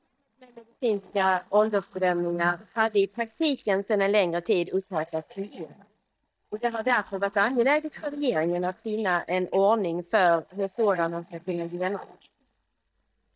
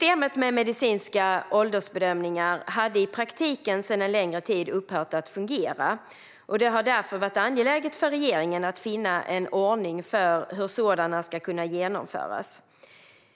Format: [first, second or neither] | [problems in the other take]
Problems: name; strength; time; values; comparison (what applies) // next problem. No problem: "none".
second | noise reduction (neural mask model DeepFilterNet 3)